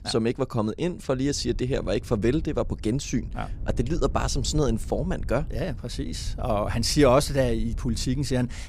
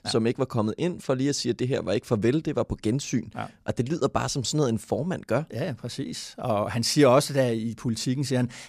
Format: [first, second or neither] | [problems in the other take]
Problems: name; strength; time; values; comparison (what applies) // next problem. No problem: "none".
second | wind noise on the microphone; occasional gusts; 25 dB below the speech